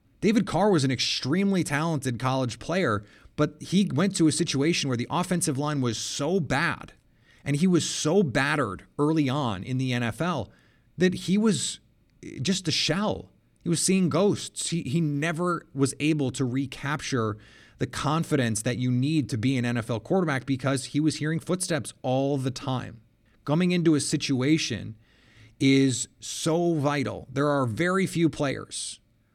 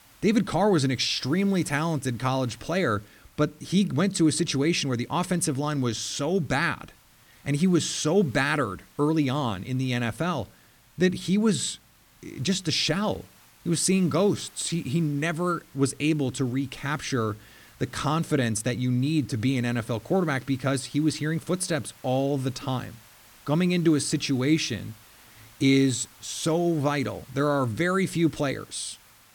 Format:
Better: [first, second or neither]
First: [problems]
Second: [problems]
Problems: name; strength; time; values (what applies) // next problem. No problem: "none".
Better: first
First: none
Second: hiss; faint; throughout; 25 dB below the speech